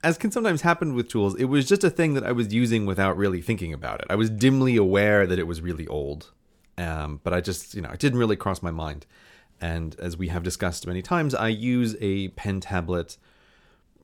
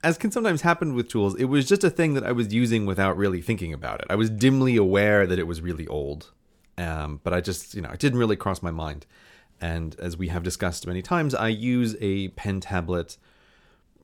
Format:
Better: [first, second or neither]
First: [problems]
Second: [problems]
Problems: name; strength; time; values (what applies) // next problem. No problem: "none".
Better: neither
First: none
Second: none